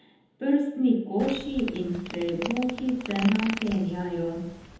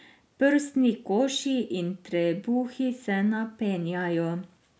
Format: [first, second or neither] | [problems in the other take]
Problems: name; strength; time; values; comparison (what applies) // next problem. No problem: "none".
second | background sound (Fart); 11 dB below the speech // room echo; dies away in 1 s